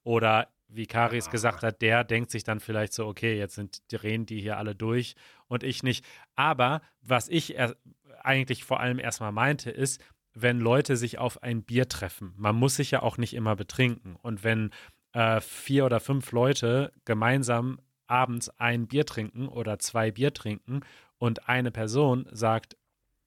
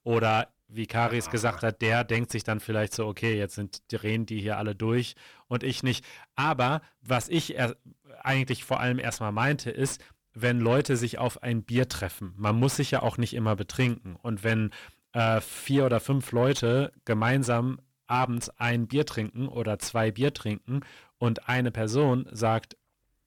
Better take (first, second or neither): first